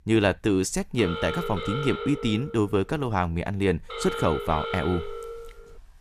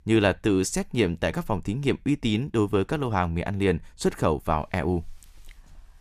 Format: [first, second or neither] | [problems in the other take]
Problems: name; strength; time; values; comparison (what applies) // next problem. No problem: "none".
second | phone ringing; noticeable; peak 6 dB below the speech